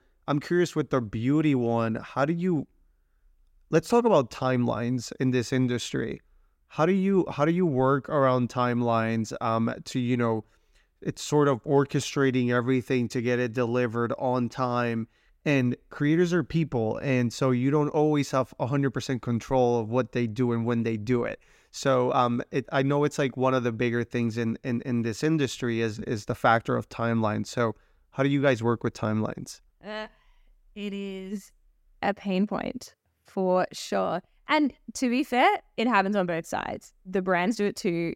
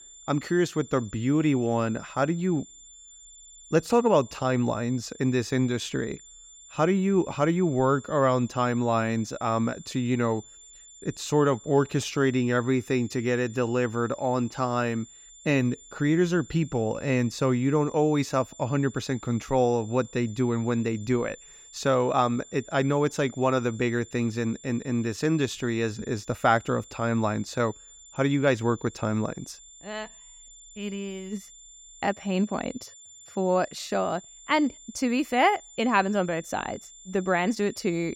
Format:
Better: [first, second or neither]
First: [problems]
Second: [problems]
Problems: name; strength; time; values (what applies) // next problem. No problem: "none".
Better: first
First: none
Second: high-pitched whine; faint; throughout; 7 kHz, 20 dB below the speech